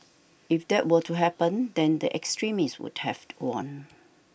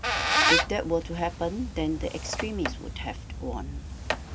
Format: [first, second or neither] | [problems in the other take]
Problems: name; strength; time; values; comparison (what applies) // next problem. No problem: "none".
first | background sound (Squeak); 3 dB above the speech